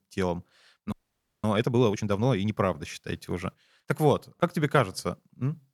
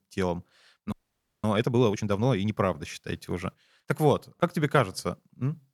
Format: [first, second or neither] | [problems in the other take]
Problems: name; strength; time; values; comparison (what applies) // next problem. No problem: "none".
neither | audio freezing; at 1 s for 0.5 s; the same in both